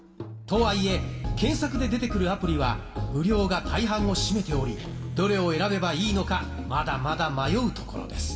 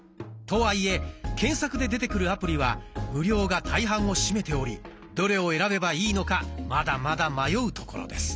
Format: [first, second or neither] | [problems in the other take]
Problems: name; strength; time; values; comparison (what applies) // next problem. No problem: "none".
second | background sound (Guitar); 13 dB below the speech // room echo; dies away in 2.5 s